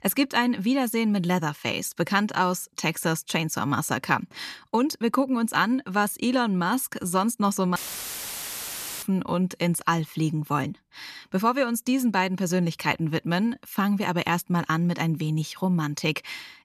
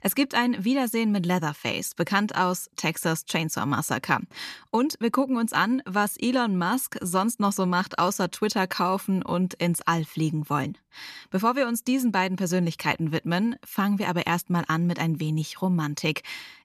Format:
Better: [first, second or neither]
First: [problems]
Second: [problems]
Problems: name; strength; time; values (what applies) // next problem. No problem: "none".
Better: second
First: audio cutting out; filled with static; at 8 s for 1.5 s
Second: none